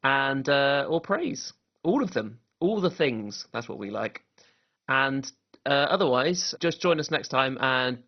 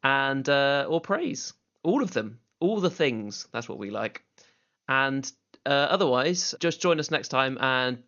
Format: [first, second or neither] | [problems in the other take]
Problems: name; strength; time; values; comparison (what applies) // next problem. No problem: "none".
second | garbled, watery; badly; nothing above 6 kHz; slightly in the second